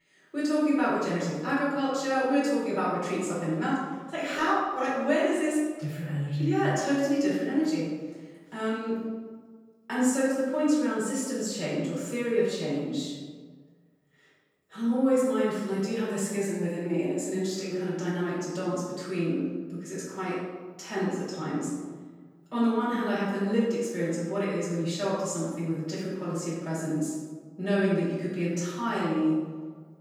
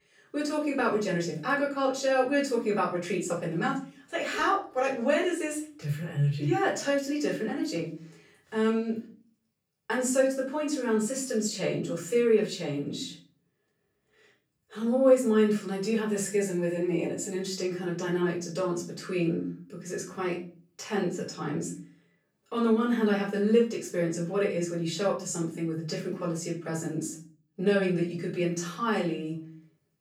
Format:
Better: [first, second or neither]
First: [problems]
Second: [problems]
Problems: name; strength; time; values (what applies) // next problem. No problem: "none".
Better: second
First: room echo; strong; dies away in 1.2 s // off-mic speech; far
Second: room echo; slight; dies away in 0.4 s // off-mic speech; far